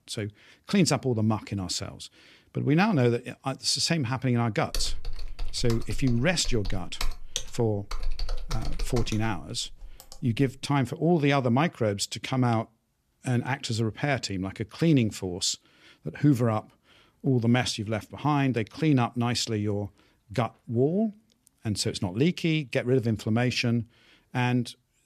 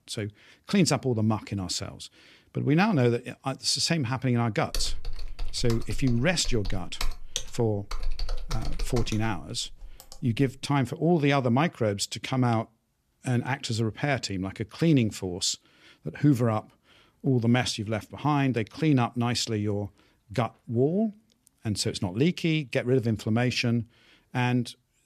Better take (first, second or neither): neither